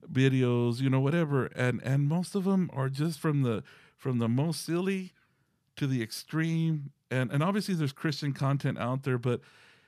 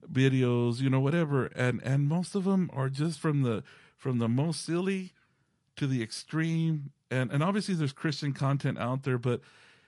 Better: first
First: none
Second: garbled, watery; slightly; nothing above 11 kHz

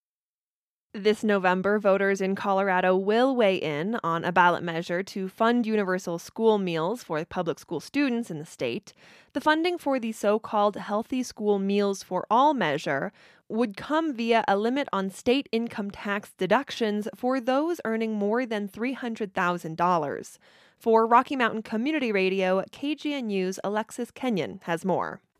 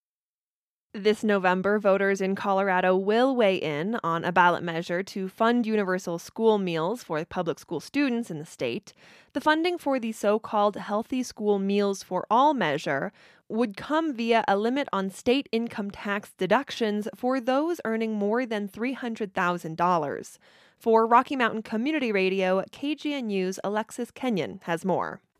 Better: neither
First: none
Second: none

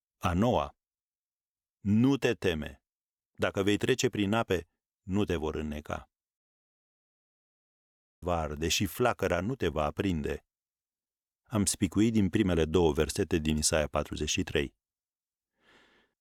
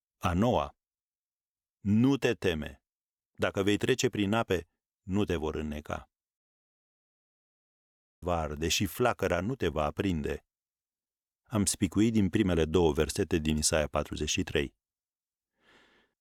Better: neither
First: audio cutting out; at 6.5 s for 2 s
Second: audio cutting out; at 6.5 s for 2 s

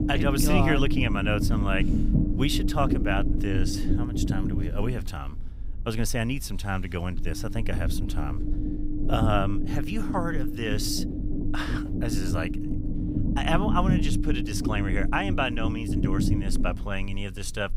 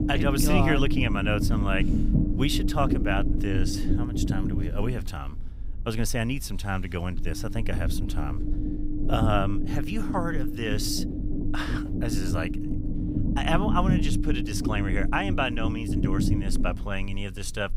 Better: neither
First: low rumble; loud; throughout; 5 dB below the speech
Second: low rumble; loud; throughout; 5 dB below the speech

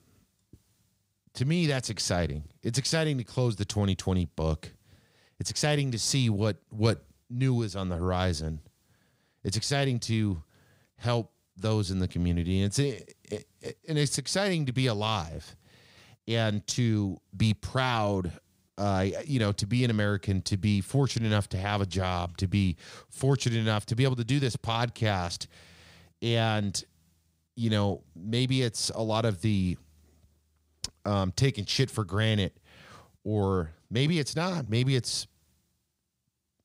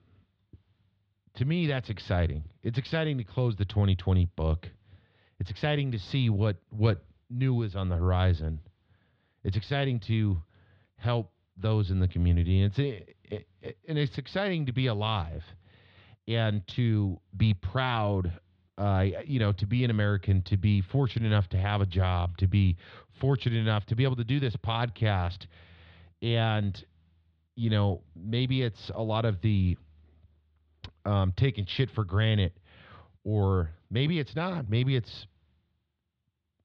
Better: first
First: none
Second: muffled; slightly; fading above 3.5 kHz

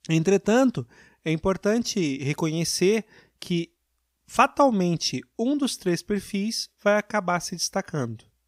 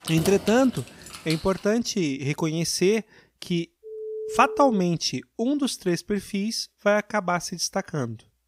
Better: first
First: none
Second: jangling keys; noticeable; until 1.5 s; peak 7 dB below the speech // phone ringing; noticeable; at 4 s; peak 8 dB below the speech

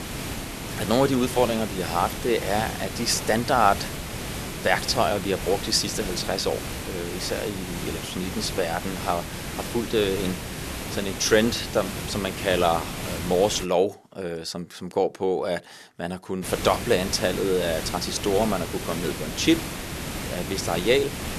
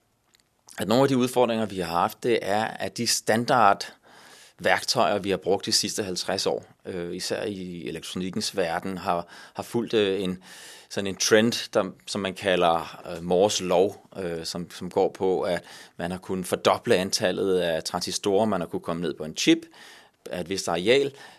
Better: second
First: hiss; loud; until 14 s and from 16 s on; 7 dB below the speech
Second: none

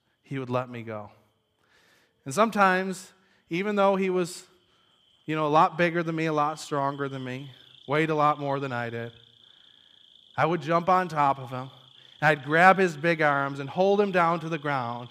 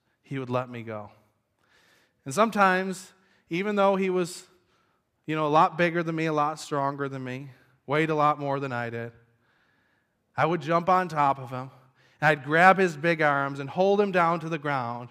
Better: second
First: animal sounds; faint; throughout; 30 dB below the speech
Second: none

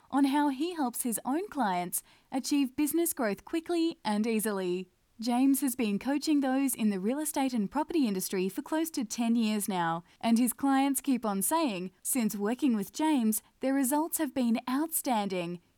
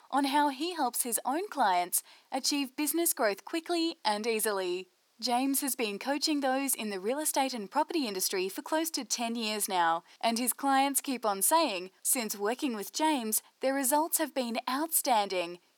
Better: first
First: none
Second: thin; somewhat; fading below 500 Hz

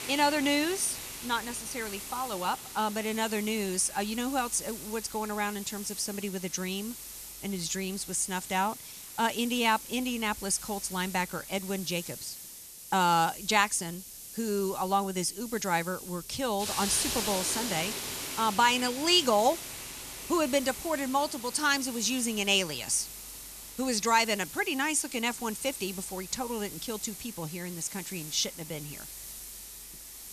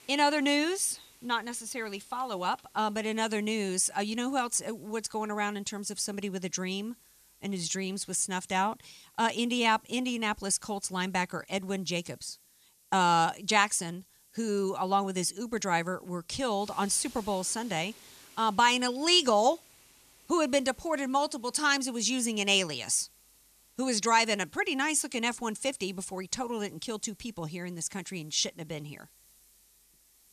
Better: second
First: hiss; loud; throughout; 9 dB below the speech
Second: hiss; faint; throughout; 25 dB below the speech

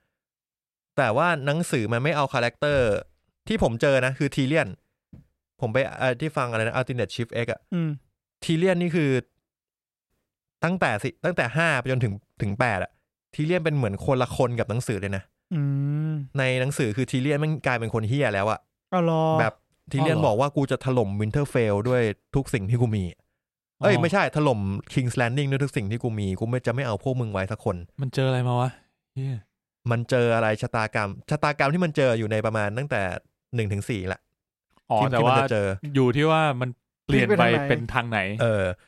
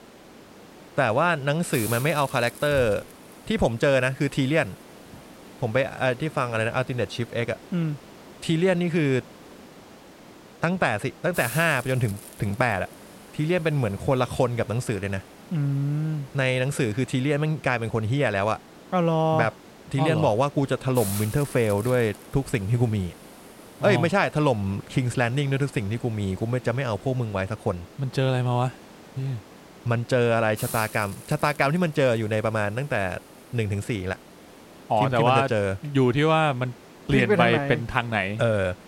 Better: first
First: none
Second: hiss; noticeable; throughout; 20 dB below the speech

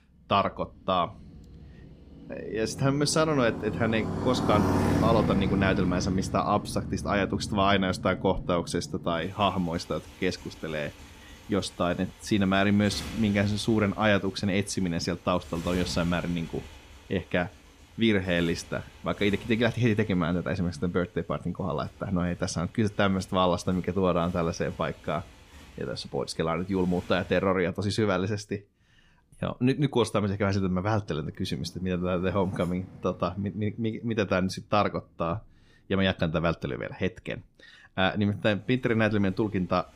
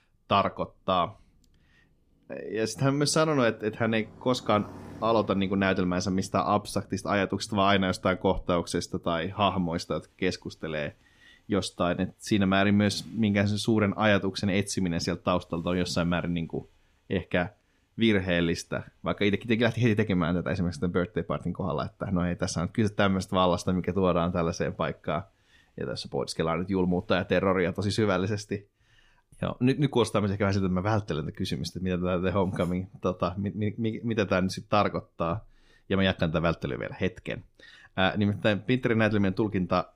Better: second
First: traffic noise; loud; throughout; 7 dB below the speech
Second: traffic noise; faint; throughout; 25 dB below the speech

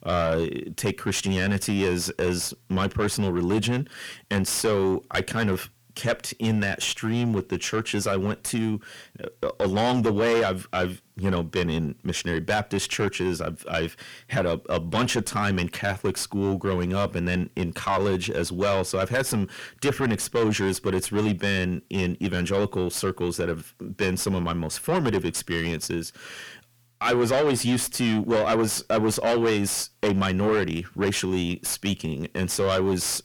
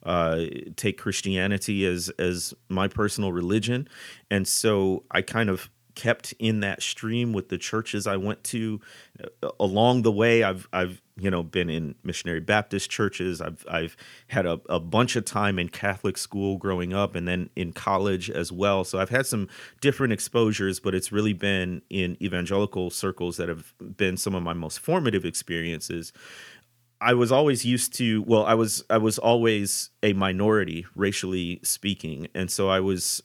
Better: second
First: distortion; heavy; 6 dB below the speech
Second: none

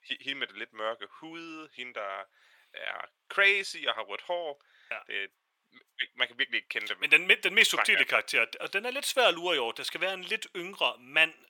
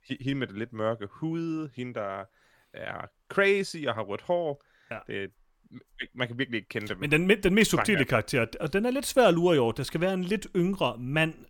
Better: second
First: thin; very; fading below 650 Hz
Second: none

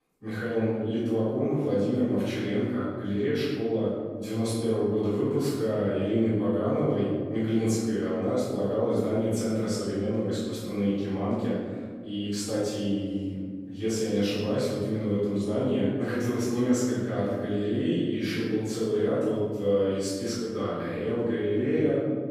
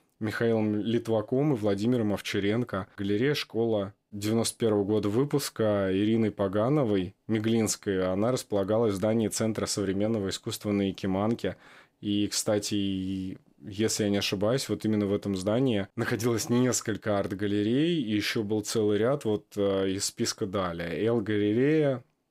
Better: second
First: off-mic speech; far // room echo; strong; dies away in 1.8 s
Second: none

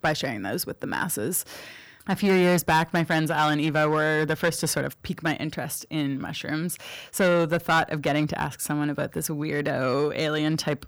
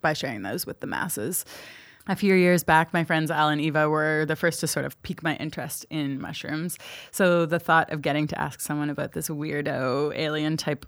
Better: second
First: distortion; slight; 4% of the sound clipped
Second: none

